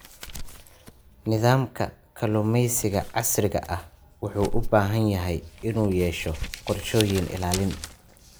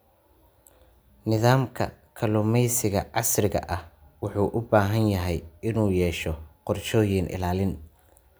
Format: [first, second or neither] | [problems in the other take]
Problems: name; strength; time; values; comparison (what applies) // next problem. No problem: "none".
second | background sound (Crumpling, crinkling); 10 dB below the speech